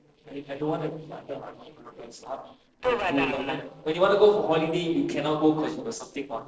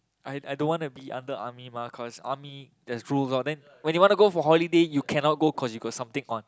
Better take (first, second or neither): second